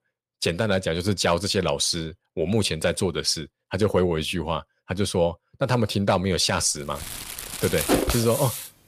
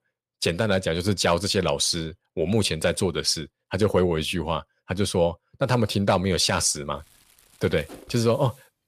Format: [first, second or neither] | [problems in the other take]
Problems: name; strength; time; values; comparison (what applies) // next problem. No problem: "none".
second | household noises; loud; from 7 s on; 3 dB below the speech; faint in the second